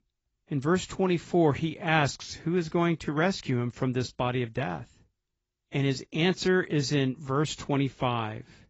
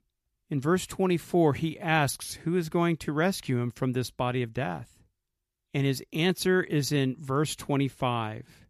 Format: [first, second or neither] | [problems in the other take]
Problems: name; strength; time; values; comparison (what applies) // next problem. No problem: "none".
second | garbled, watery; badly; nothing above 7.5 kHz